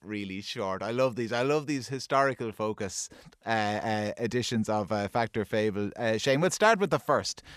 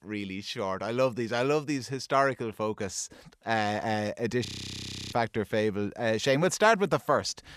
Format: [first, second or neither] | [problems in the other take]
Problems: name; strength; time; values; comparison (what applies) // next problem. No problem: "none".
first | audio freezing; at 4.5 s for 0.5 s